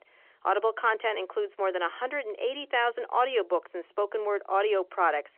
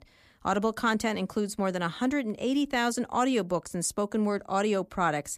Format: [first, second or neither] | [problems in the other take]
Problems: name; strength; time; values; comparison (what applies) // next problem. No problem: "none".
second | phone-call audio; nothing above 3 kHz